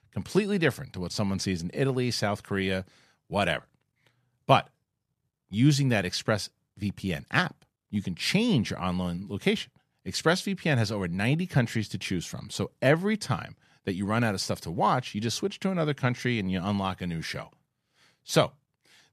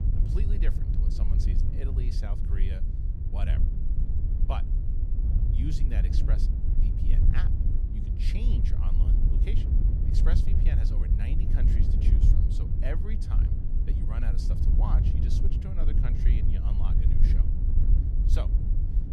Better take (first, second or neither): first